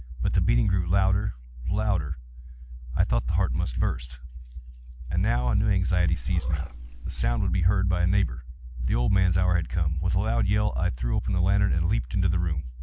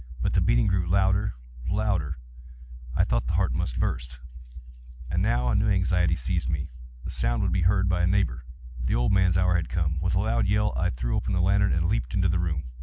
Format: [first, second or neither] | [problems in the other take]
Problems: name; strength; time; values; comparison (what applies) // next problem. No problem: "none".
second | background sound (Meow); 13 dB below the speech